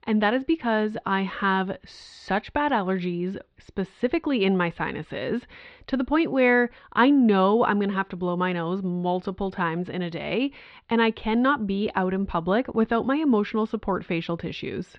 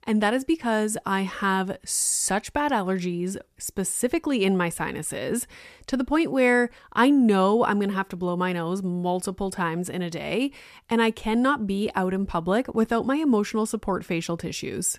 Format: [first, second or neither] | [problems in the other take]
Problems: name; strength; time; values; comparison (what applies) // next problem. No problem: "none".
second | muffled; very; fading above 4 kHz